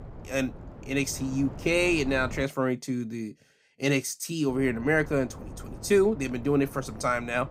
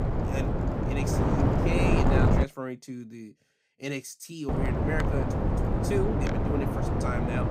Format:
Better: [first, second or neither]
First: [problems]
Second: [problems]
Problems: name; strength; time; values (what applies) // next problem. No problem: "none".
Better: first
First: wind noise on the microphone; occasional gusts; until 2.5 s and from 4.5 s on; 20 dB below the speech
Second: wind noise on the microphone; heavy; until 2.5 s and from 4.5 s on; 4 dB above the speech